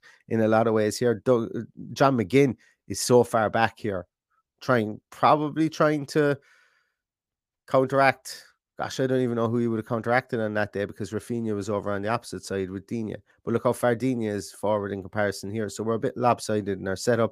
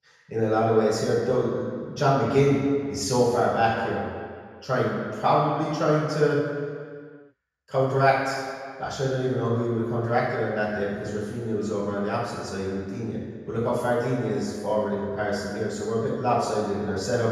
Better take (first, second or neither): first